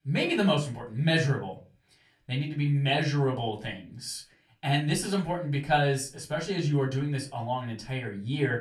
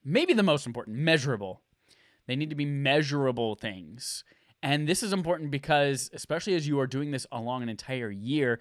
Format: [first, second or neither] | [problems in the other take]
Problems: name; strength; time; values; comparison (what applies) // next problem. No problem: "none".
second | off-mic speech; far // room echo; very slight; dies away in 0.3 s